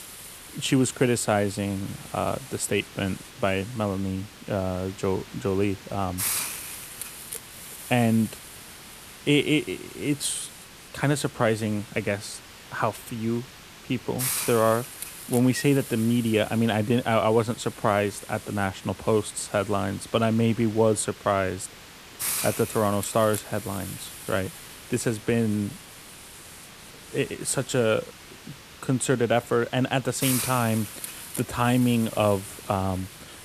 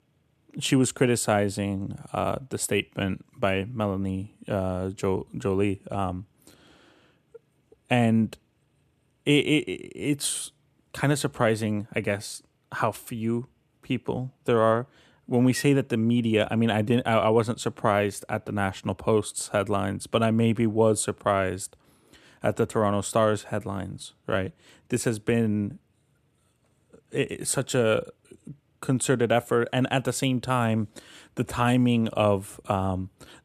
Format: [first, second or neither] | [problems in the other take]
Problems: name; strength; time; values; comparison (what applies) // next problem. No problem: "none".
second | hiss; noticeable; throughout; 10 dB below the speech